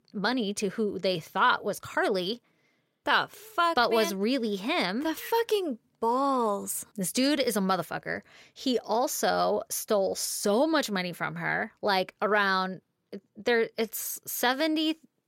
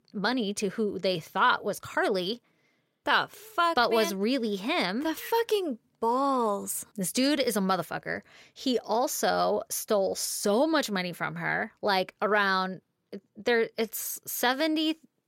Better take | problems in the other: neither | none

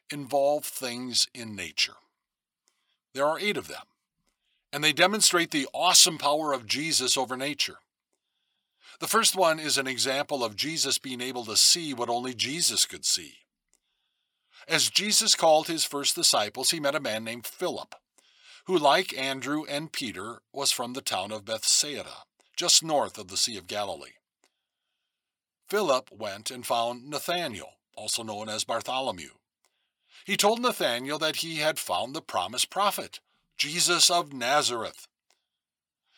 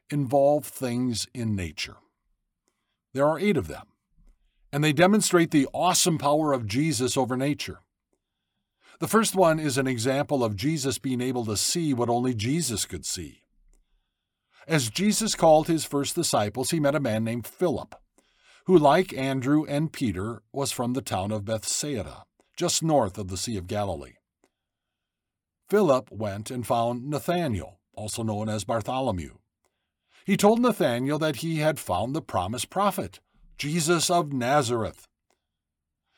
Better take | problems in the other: second | thin; somewhat; fading below 1 kHz

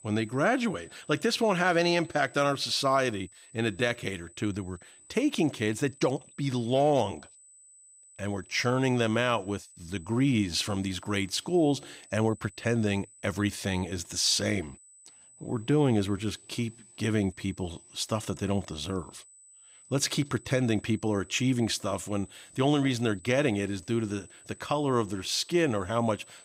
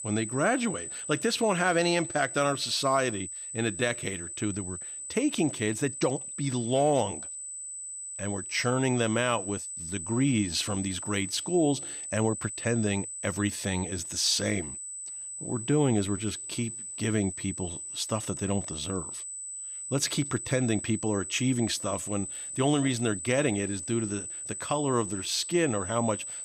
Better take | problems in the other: first | high-pitched whine; loud; throughout; 8 kHz, 7 dB below the speech; faint in the first

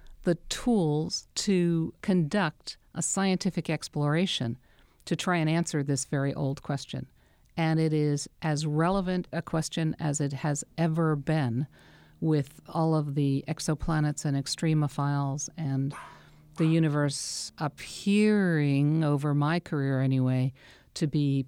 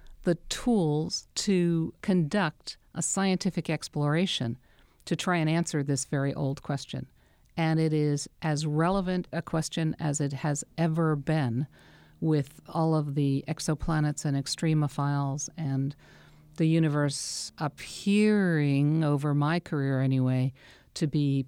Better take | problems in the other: second | dog barking; faint; at 16 s; peak 20 dB below the speech

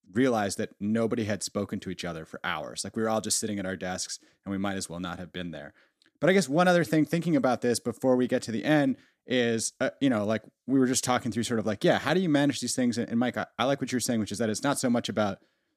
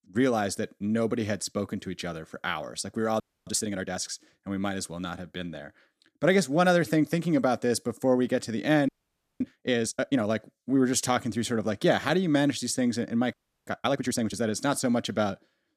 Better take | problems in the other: first | audio freezing; at 3 s, at 9 s for 0.5 s and at 13 s

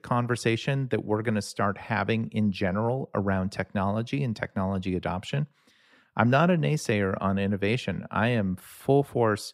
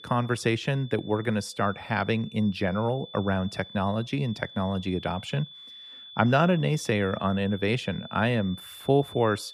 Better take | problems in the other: first | high-pitched whine; noticeable; throughout; 3.5 kHz, 15 dB below the speech

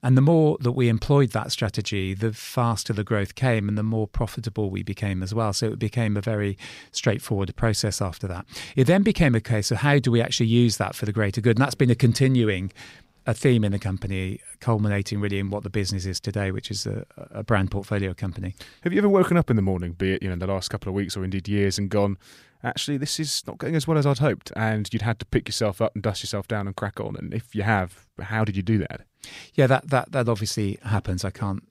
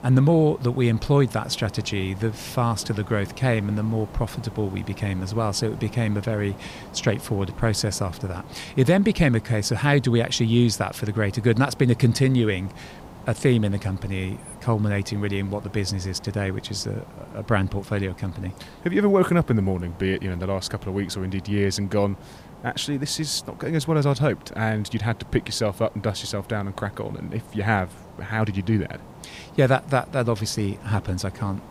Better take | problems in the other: first | hiss; noticeable; throughout; 20 dB below the speech

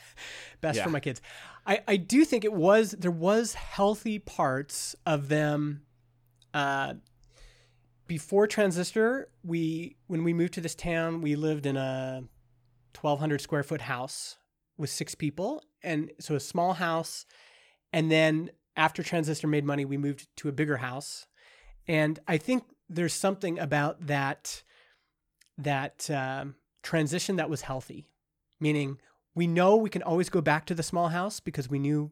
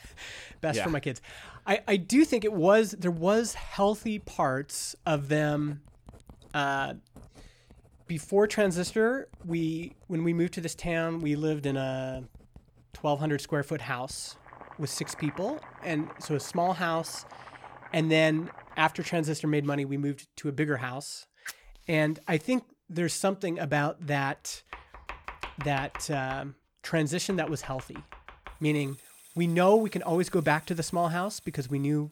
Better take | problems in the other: first | household noises; faint; throughout; 20 dB below the speech

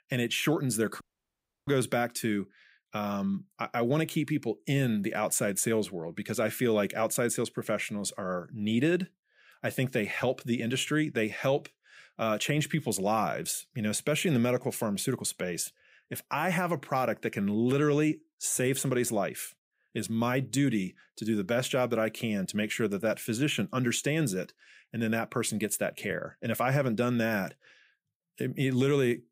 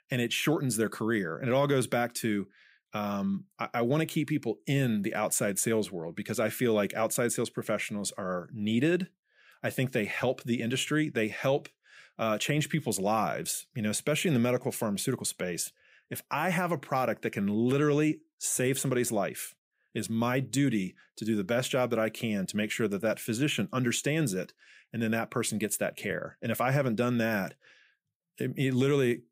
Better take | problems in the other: second | audio cutting out; at 1 s for 0.5 s

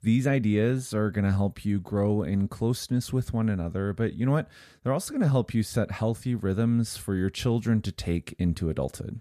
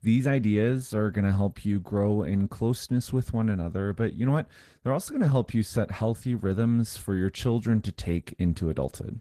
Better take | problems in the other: first | garbled, watery; slightly; nothing above 14.5 kHz

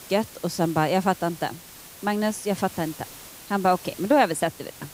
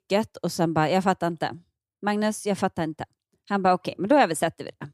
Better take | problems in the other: second | hiss; noticeable; throughout; 15 dB below the speech

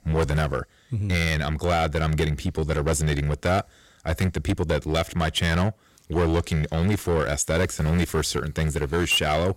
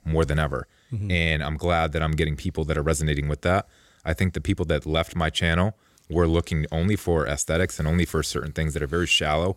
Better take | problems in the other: second | distortion; slight; 10% of the sound clipped

